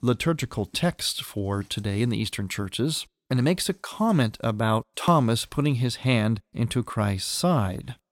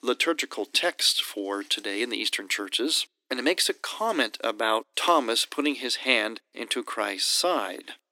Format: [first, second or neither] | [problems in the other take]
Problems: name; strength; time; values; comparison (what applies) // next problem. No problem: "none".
first | thin; somewhat; fading below 300 Hz